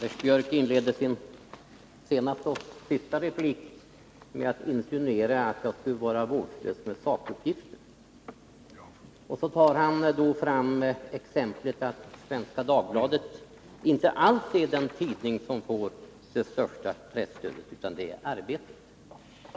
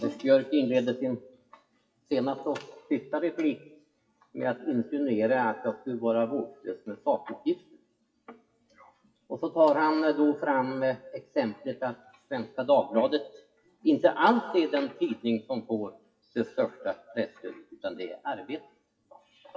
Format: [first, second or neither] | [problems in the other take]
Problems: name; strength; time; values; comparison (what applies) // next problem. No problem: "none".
first | noise reduction (classical method WPE with log-MMSE)